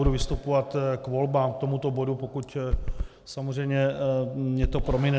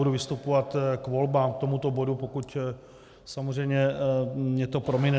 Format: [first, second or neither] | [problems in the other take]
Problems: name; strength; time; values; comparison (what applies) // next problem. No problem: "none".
second | background sound (Run); as loud as the speech